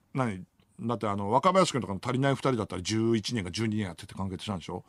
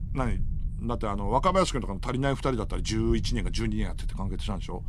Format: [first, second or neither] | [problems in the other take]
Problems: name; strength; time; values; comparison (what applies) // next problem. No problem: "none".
first | low rumble; faint; throughout; 25 dB below the speech